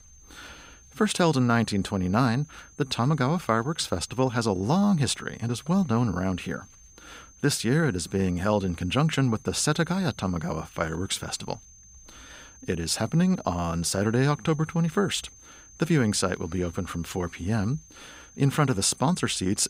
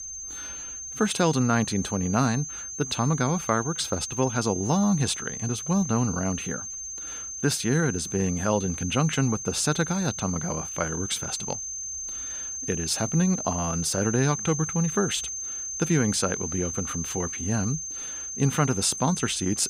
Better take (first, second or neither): first